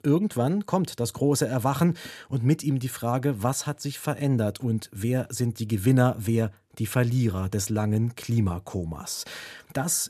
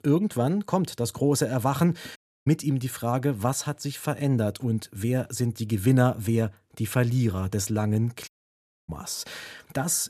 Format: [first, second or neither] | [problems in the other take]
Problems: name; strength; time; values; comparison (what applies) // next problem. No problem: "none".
first | audio cutting out; at 2 s and at 8.5 s for 0.5 s